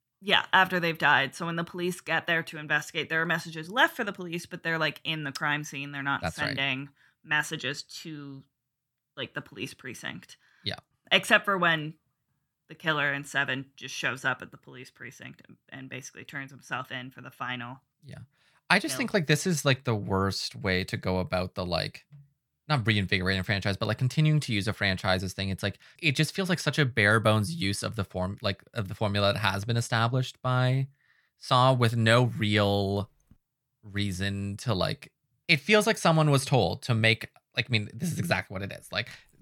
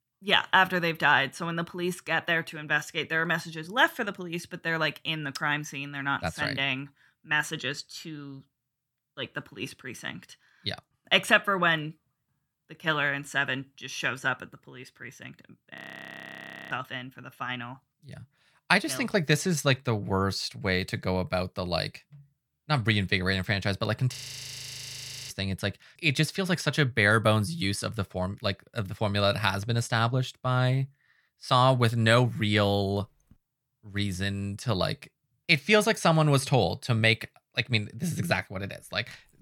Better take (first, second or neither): first